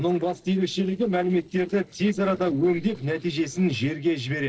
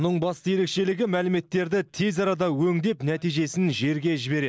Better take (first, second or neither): second